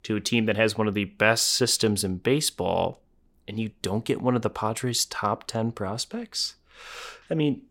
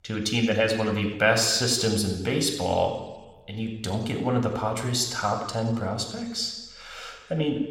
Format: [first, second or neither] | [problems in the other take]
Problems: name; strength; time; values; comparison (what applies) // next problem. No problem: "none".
first | room echo; noticeable; dies away in 1.1 s